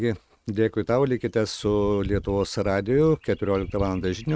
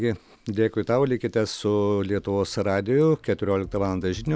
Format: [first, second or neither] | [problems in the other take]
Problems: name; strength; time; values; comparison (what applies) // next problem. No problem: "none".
second | noise reduction (neural mask model RNNoise)